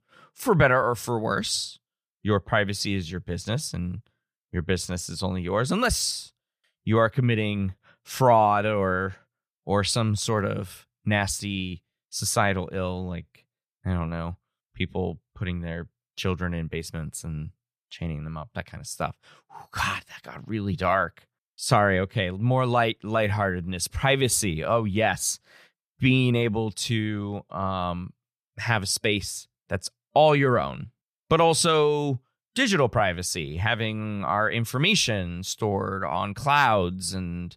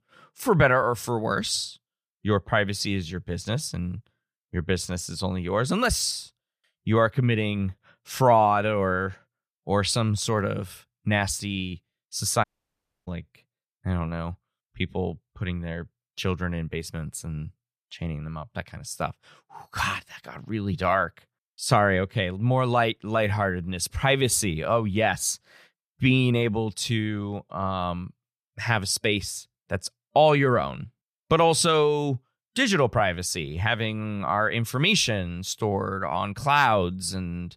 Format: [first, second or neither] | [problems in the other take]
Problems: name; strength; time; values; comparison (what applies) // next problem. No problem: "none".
first | audio cutting out; at 12 s for 0.5 s